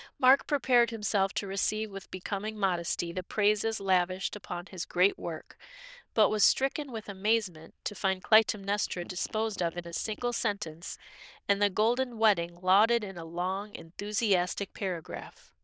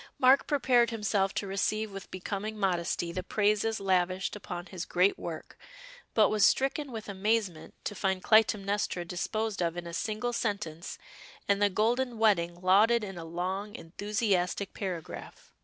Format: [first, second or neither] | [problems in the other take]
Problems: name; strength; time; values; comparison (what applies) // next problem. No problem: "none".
second | noise reduction (neural diffusion model UNIVERSE++)